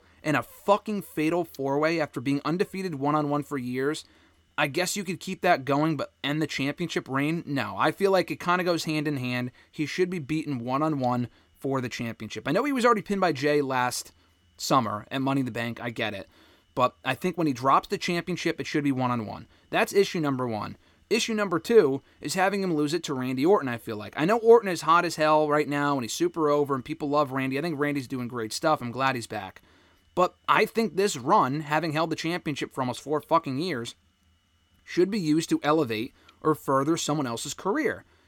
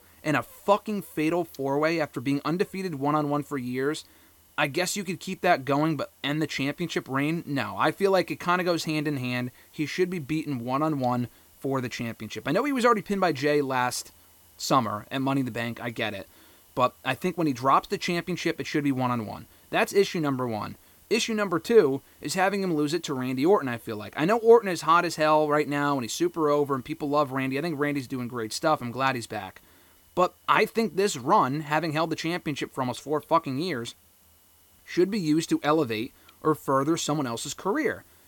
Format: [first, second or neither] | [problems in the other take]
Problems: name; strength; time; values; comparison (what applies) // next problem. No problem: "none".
first | hiss; faint; throughout; 30 dB below the speech